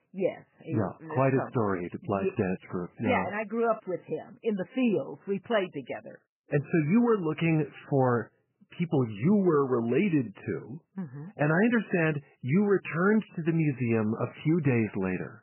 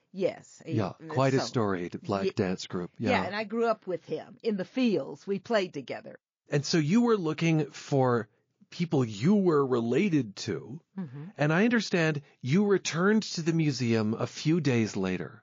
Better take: second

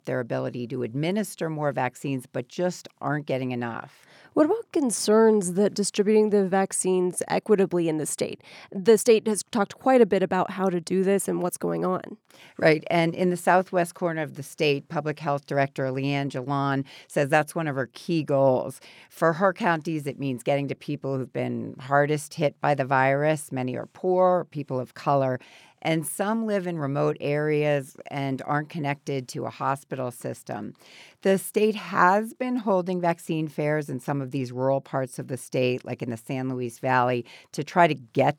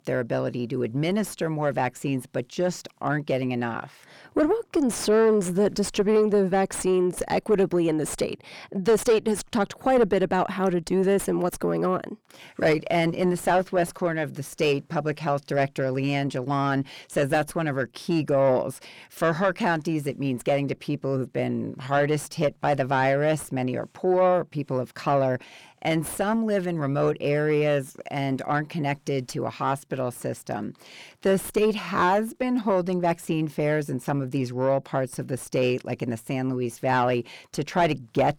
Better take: first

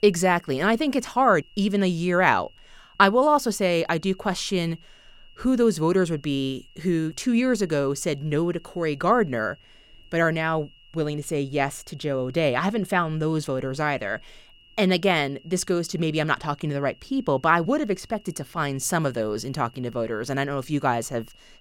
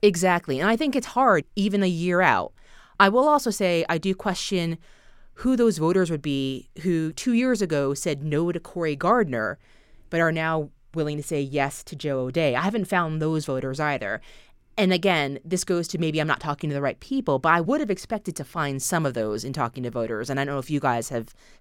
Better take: second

